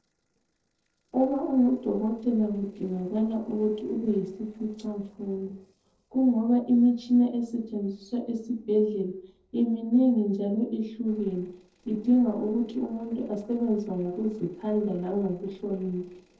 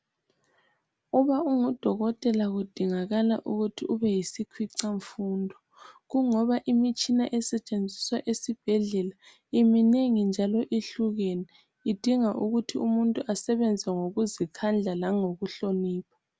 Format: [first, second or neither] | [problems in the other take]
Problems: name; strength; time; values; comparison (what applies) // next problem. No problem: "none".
second | noise reduction (neural separator model SepFormer DNS4)